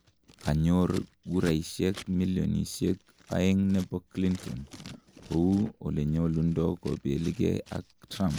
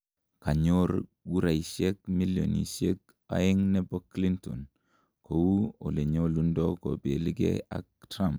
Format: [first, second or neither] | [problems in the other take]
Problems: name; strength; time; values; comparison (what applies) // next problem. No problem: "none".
second | background sound (Scissors); 20 dB below the speech